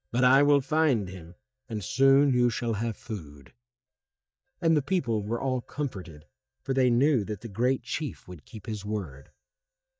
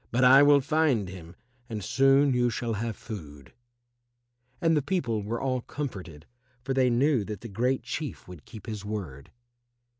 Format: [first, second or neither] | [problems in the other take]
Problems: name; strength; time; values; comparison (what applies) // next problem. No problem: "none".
second | noise reduction (neural mask model DeepFilterNet 3)